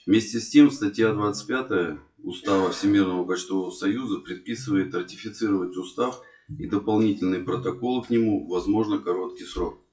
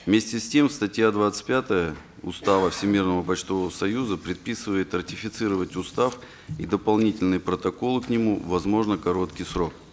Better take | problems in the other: second | noise reduction (classical method WPE with log-MMSE)

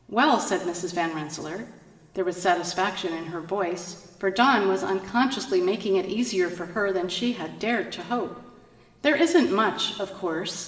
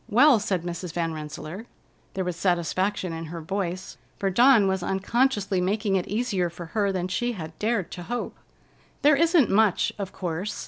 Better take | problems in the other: second | room echo; dies away in 2.7 s

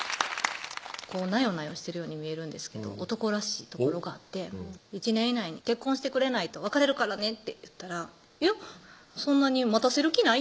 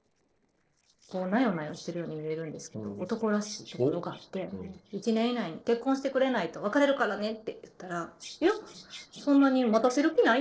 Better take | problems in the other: first | noise reduction (neural separator model SepFormer DNS4)

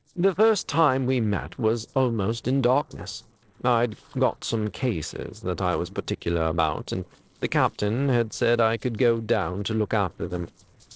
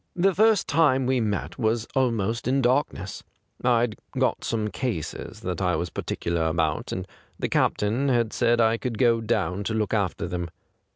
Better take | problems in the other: second | noise reduction (neural separator model SepFormer DNS4)

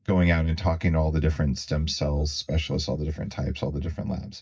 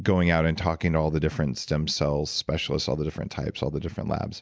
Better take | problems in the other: second | noise reduction (neural mask model DeepFilterNet 3)

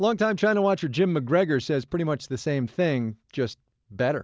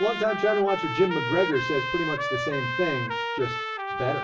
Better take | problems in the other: first | background sound (Trumpet); 3 dB below the speech // room echo; dies away in 0.3 s

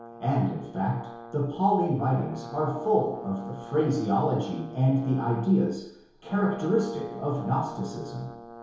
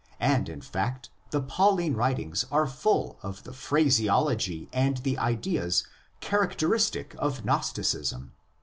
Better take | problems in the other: second | background sound (Brass instrument); 16 dB below the speech // room echo; dies away in 1 s

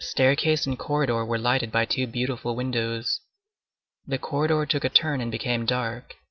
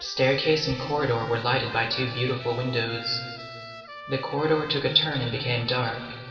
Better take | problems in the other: first | background sound (Trumpet); 16 dB below the speech // room echo; dies away in 2.5 s

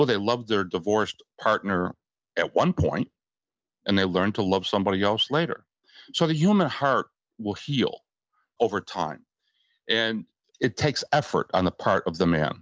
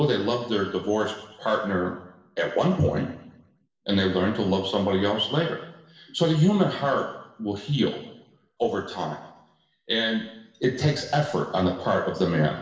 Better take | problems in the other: first | room echo; dies away in 0.8 s

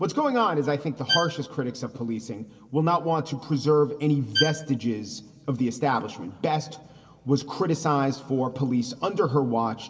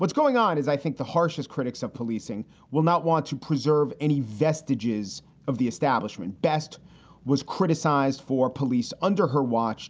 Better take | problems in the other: second | background sound (Bowed string instrument); 5 dB below the speech // room echo; dies away in 1.7 s

